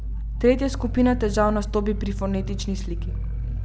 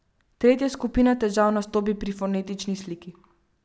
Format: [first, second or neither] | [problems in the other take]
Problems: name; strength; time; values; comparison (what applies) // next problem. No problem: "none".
second | background sound (Growling); 3 dB below the speech